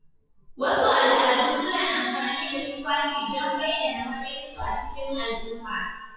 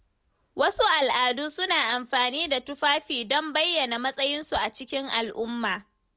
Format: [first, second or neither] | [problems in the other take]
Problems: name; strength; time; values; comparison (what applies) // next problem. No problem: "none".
second | noise reduction (classical method WPE with log-MMSE)